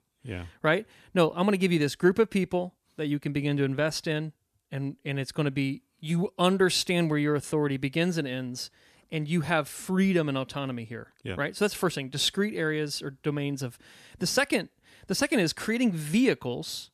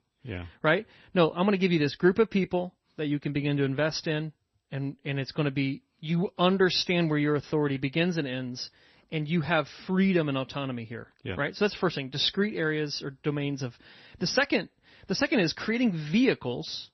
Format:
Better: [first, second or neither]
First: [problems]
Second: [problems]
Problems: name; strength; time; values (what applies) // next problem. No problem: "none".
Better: first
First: none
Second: garbled, watery; slightly; nothing above 6 kHz